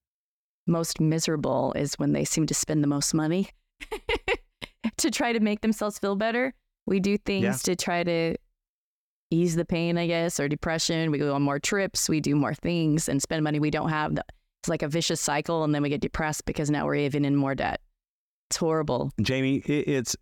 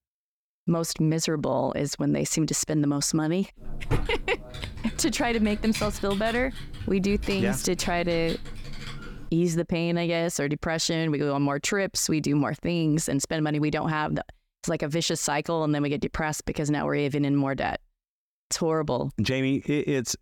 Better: first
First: none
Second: keyboard typing; noticeable; from 3.5 to 9.5 s; peak 5 dB below the speech

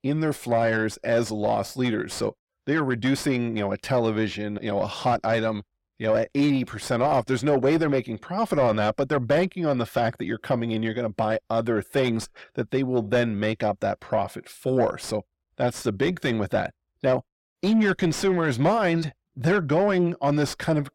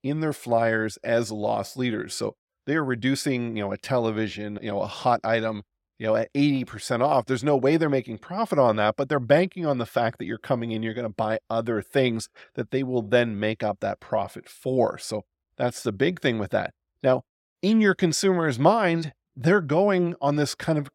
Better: second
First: distortion; slight; 10 dB below the speech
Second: none

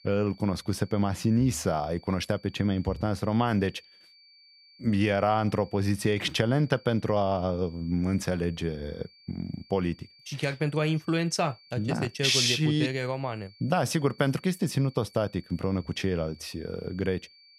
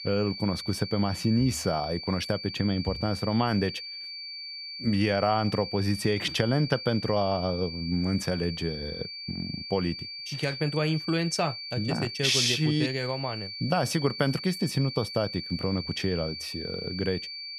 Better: first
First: high-pitched whine; faint; throughout; 4.5 kHz, 25 dB below the speech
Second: high-pitched whine; loud; throughout; 4.5 kHz, 8 dB below the speech

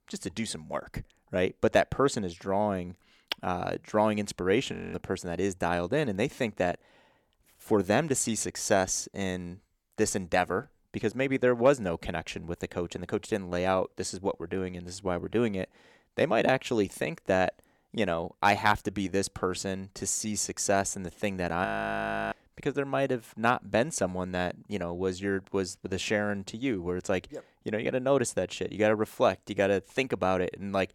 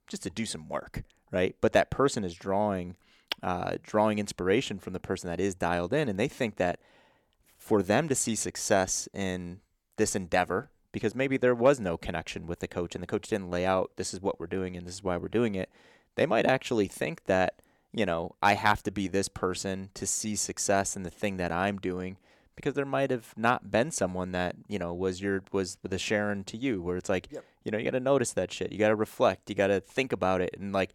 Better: second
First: audio freezing; at 4.5 s and at 22 s for 0.5 s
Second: none

